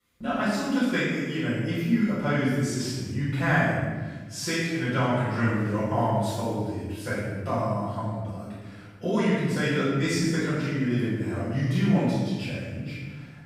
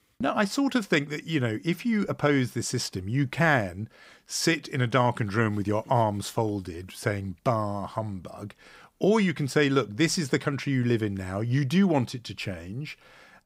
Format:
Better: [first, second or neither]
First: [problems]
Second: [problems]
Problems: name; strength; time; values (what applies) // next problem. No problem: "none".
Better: second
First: off-mic speech; far // room echo; strong; dies away in 1.3 s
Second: none